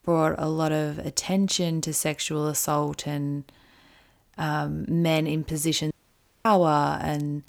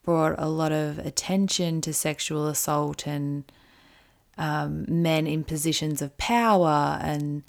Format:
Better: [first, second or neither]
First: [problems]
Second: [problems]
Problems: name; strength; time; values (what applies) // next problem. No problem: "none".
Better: second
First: audio cutting out; at 6 s for 0.5 s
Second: none